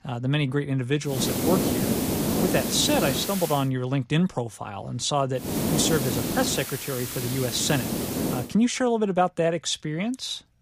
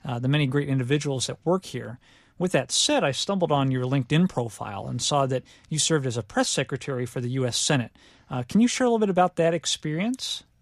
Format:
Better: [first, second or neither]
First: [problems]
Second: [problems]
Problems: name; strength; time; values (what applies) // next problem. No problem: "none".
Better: second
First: hiss; loud; from 1 to 3.5 s and from 5.5 to 8.5 s; 1 dB below the speech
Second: none